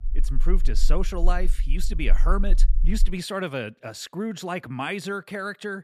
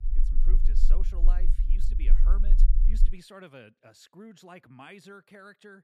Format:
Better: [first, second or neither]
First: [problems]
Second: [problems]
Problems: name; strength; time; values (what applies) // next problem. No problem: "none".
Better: first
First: low rumble; faint; until 3 s; 20 dB below the speech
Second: low rumble; loud; until 3 s; 6 dB below the speech